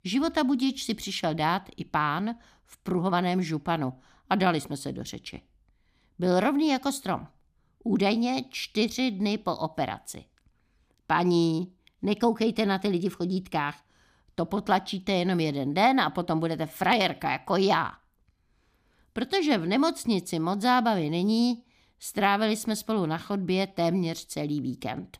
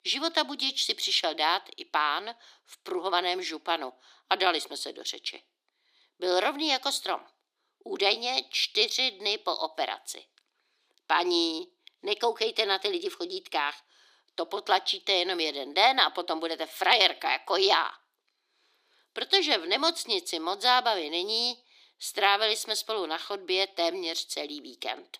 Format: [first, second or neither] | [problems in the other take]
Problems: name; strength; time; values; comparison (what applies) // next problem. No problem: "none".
first | thin; very; fading below 350 Hz